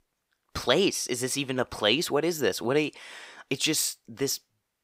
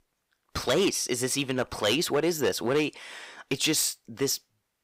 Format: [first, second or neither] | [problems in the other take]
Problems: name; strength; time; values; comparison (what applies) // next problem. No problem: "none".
first | distortion; slight; 4% of the sound clipped